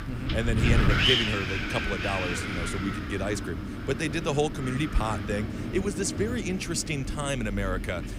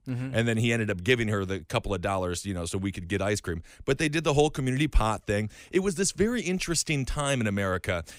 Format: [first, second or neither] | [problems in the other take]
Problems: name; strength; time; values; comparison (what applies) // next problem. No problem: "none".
second | wind noise on the microphone; heavy; 1 dB above the speech